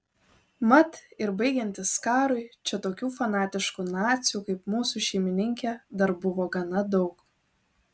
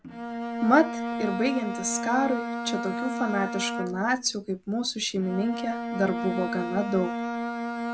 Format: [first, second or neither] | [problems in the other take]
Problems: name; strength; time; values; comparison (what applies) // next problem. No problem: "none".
first | background sound (Bowed string instrument); 4 dB below the speech